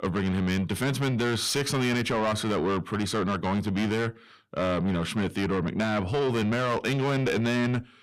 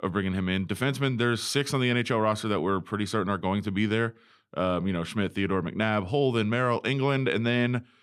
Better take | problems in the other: second | distortion; heavy; 7 dB below the speech

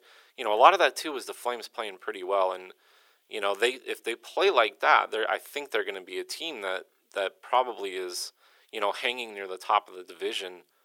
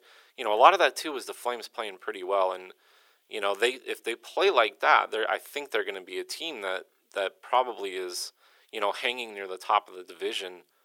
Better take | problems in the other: neither | thin; very; fading below 350 Hz; the same in both

